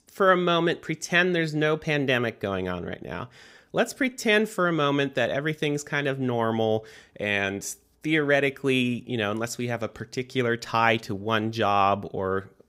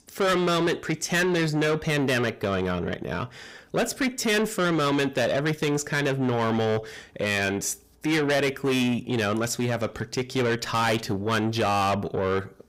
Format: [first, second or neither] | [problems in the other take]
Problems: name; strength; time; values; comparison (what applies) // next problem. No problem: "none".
first | distortion; heavy; 6 dB below the speech